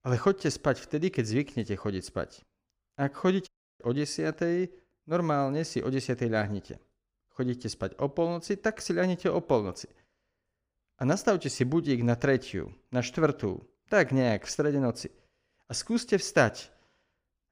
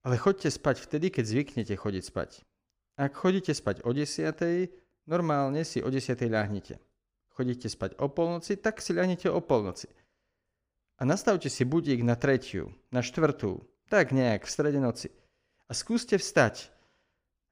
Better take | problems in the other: second | audio cutting out; at 3.5 s

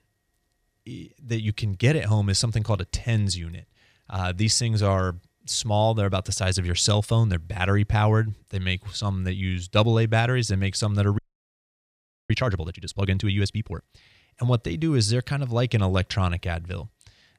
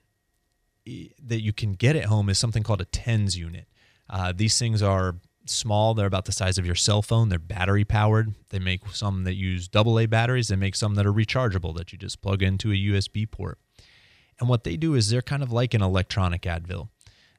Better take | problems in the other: second | audio freezing; at 11 s for 1 s

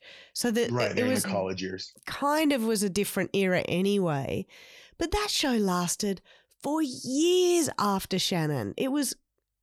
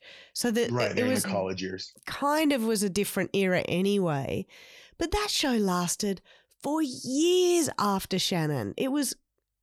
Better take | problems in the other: neither | none

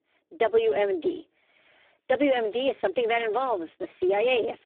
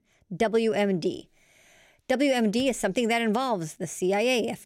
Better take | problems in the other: second | phone-call audio; poor line

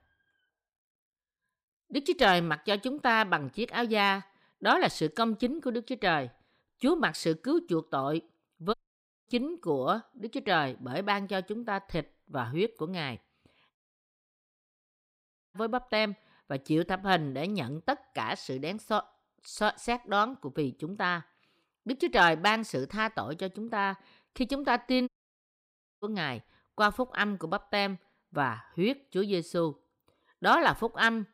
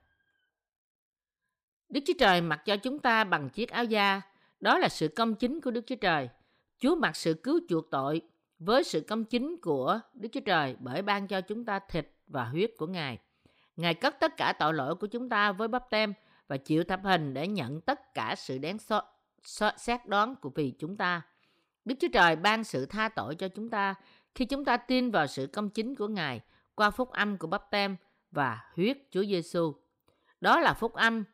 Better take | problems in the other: second | audio cutting out; at 8.5 s for 0.5 s, at 14 s for 2 s and at 25 s for 1 s

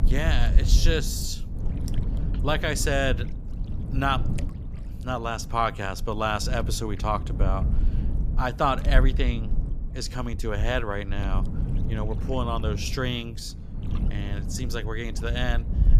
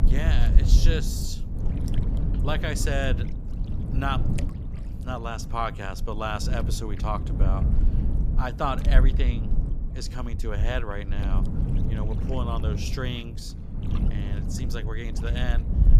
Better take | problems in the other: first | wind noise on the microphone; heavy; 9 dB below the speech; occasional gusts in the first

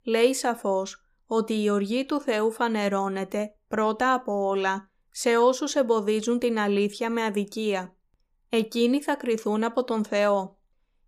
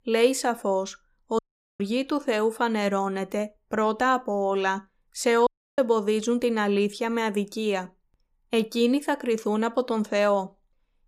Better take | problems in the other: first | audio cutting out; at 1.5 s and at 5.5 s

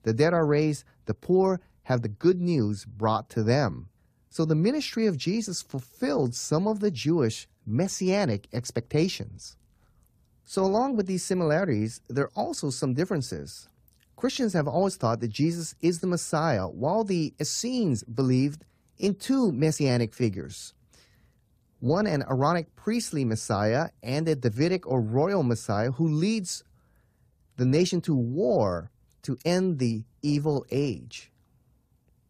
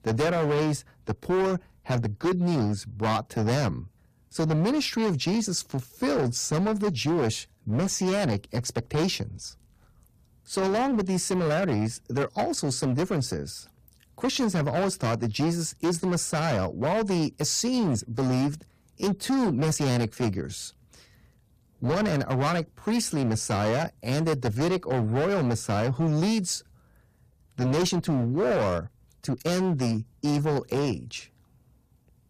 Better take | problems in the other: first | distortion; heavy; 16% of the sound clipped

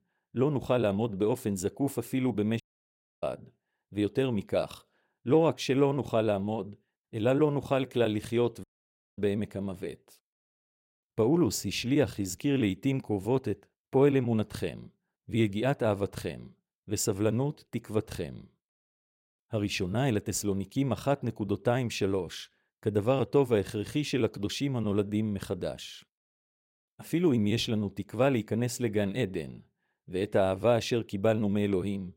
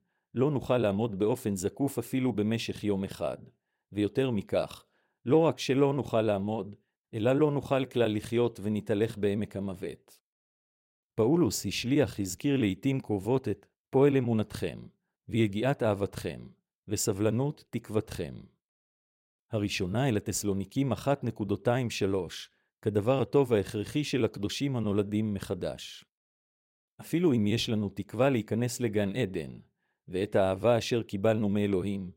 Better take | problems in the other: second | audio cutting out; at 2.5 s for 0.5 s and at 8.5 s for 0.5 s

